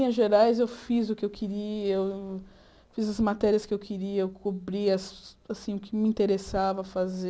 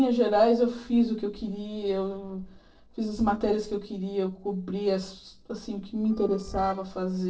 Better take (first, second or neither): first